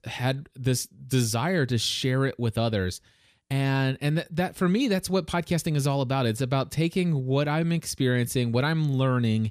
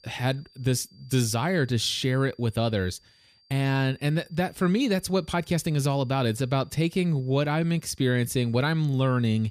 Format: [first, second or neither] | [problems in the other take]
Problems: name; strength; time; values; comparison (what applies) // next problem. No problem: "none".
first | high-pitched whine; faint; throughout; 4.5 kHz, 35 dB below the speech